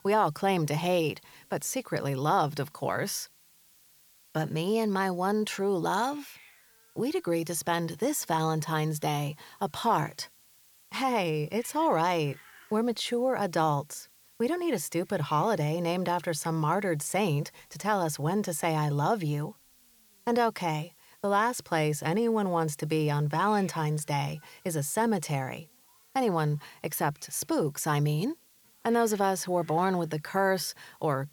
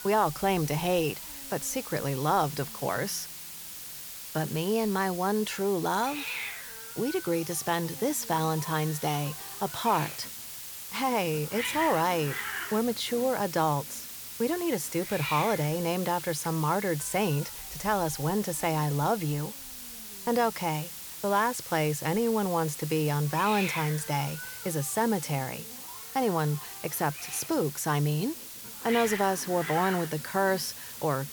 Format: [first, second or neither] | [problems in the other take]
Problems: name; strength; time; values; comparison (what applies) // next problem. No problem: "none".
first | hiss; loud; throughout; 8 dB below the speech; faint in the first